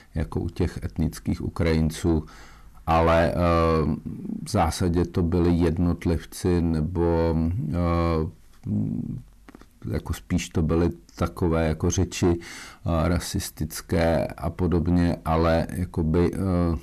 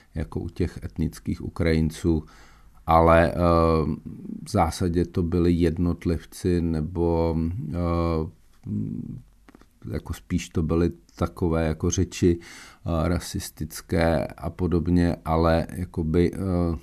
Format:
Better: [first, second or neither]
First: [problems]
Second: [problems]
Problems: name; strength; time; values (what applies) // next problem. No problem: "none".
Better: second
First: distortion; slight; 10 dB below the speech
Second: none